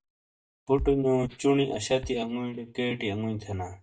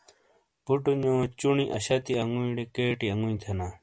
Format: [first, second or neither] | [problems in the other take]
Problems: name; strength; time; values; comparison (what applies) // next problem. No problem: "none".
second | noise reduction (neural mask model DeepFilterNet 3)